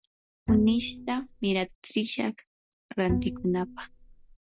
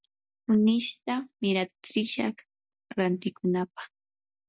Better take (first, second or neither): second